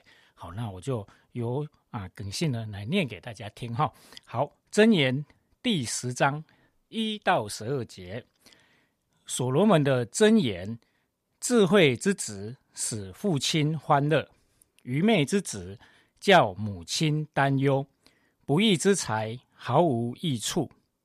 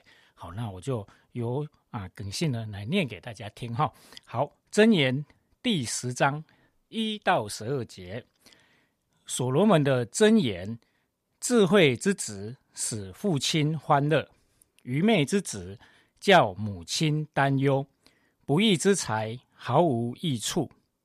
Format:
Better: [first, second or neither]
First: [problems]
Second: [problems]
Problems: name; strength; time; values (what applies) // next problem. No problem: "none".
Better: neither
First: none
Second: none